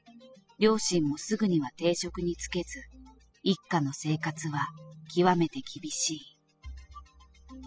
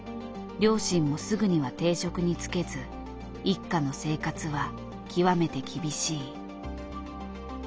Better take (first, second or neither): second